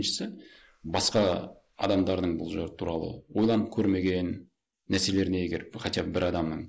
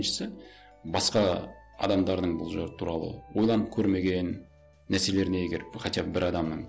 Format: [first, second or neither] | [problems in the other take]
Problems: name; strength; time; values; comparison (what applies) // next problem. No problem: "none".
second | noise reduction (neural mask model Resemble Enhance denoiser)